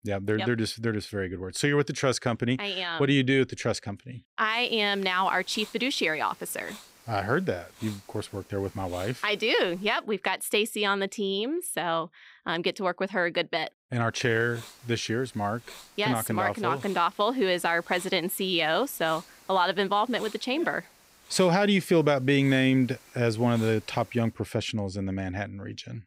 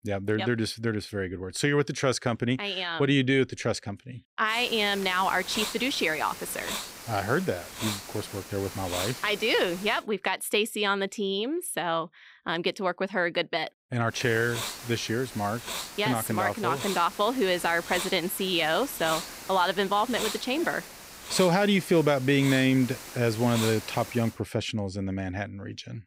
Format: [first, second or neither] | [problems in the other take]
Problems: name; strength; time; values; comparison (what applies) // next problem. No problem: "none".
first | hiss; loud; from 4.5 to 10 s and from 14 to 24 s; 10 dB below the speech; faint in the first